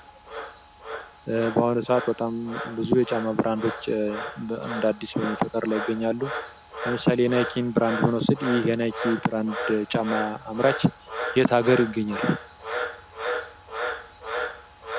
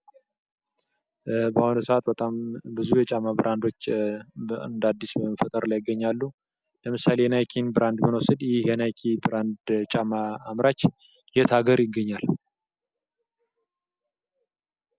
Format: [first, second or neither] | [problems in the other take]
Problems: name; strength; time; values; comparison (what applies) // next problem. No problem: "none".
second | background sound (Frog); 8 dB below the speech